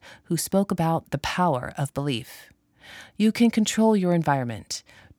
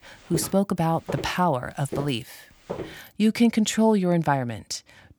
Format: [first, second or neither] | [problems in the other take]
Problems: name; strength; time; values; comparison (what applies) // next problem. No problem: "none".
first | footsteps; noticeable; until 3 s; peak 10 dB below the speech